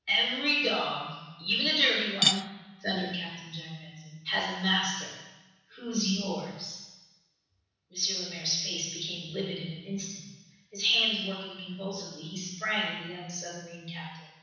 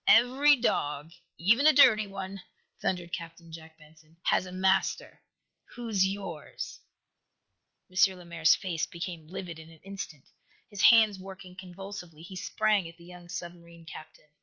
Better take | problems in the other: second | background sound (Cutlery, silverware / Dishes, pots, and pans); as loud as the speech // room echo; dies away in 1.1 s

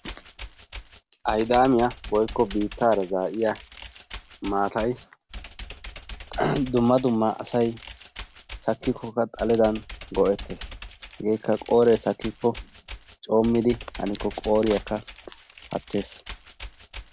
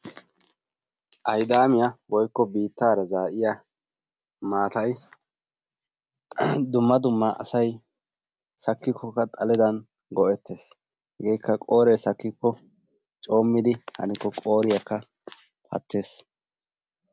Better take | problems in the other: second | background sound (Computer keyboard); 16 dB below the speech

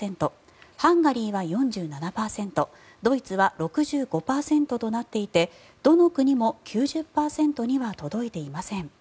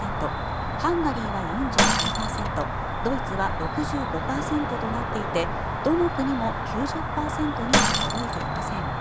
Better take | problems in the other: first | background sound (Cricket + Shatter); 3 dB above the speech

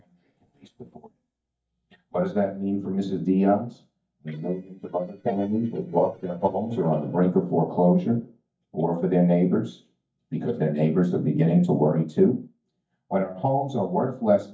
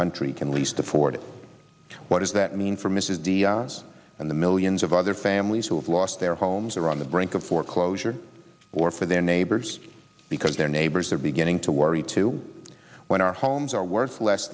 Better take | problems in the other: second | noise reduction (neural mask model DeepFilterNet 3)

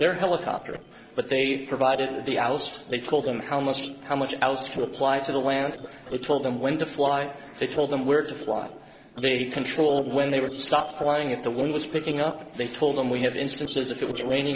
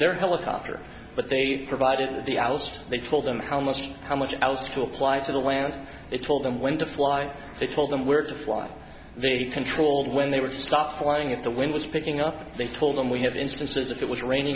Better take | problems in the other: second | noise reduction (neural separator model SepFormer DNS4)

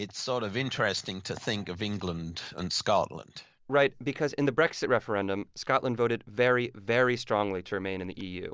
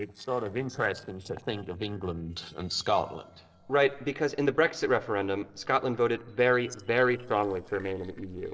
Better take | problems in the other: first | noise reduction (neural separator model SepFormer DNS4)

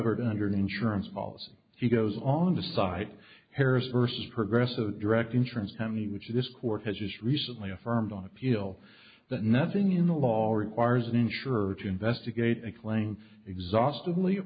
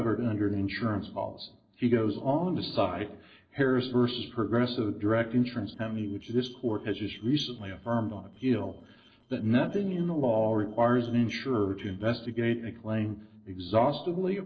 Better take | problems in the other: first | noise reduction (neural separator model SepFormer DNS4)

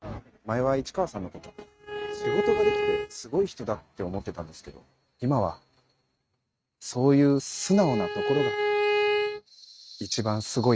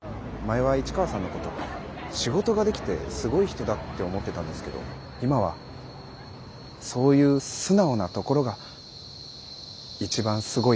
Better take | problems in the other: second | noise reduction (neural mask model RNNoise)

